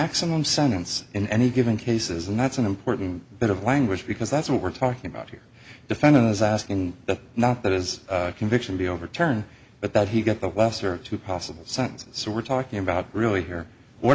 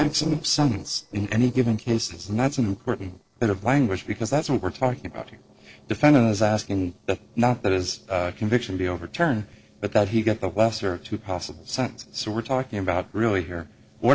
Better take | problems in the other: first | noise reduction (neural separator model SepFormer DNS4)

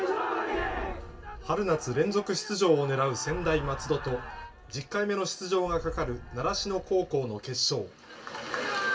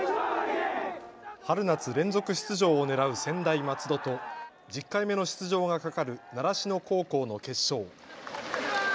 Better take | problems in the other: second | background sound (Boom); 14 dB below the speech // room echo; dies away in 0.2 s

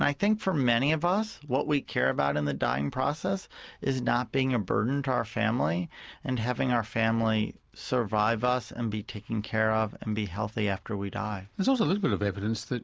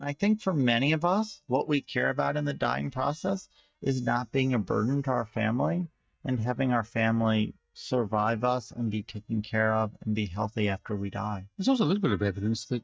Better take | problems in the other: first | noise reduction (neural mask model DeepFilterNet 3)

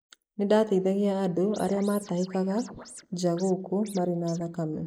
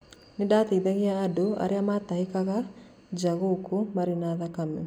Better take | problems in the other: second | noise reduction (neural mask model Resemble Enhance denoiser)

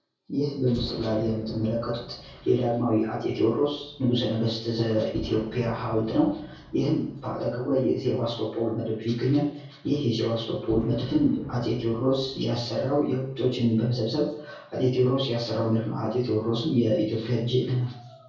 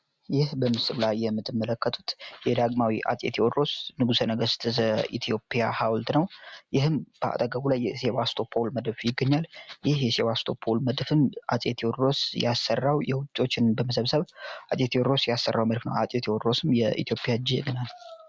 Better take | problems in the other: second | background sound (Fireworks); 16 dB below the speech // room echo; dies away in 0.6 s

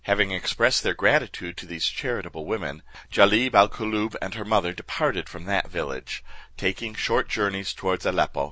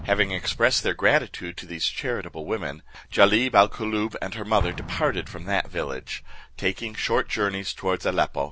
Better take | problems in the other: first | background sound (Explosion); 16 dB below the speech

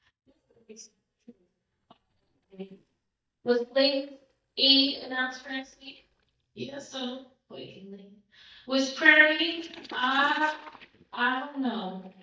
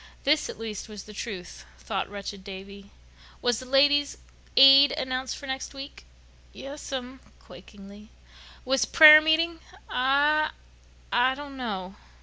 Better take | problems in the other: second | noise reduction (neural mask model DeepFilterNet 3)

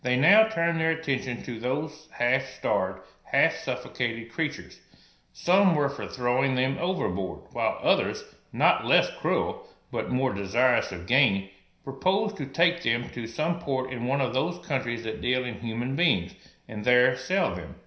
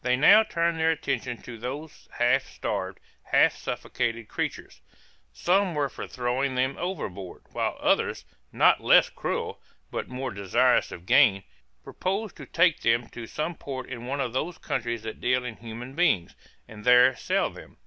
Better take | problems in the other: second | room echo; dies away in 0.5 s

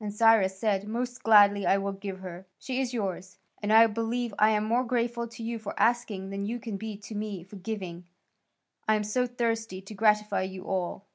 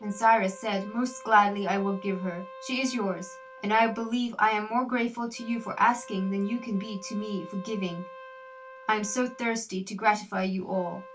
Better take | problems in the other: first | background sound (Wind instrument, woodwind instrument); 18 dB below the speech // room echo; dies away in 0.2 s

